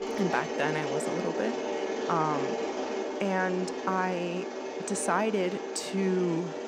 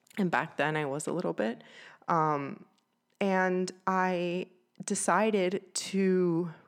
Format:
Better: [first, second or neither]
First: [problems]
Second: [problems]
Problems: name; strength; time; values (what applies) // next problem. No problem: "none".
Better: second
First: machinery noise; loud; throughout; 3 dB below the speech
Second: none